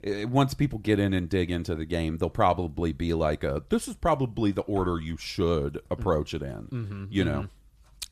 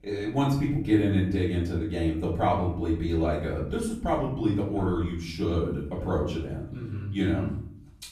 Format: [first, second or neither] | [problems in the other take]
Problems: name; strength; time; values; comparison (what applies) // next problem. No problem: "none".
first | off-mic speech; far // room echo; noticeable; dies away in 0.7 s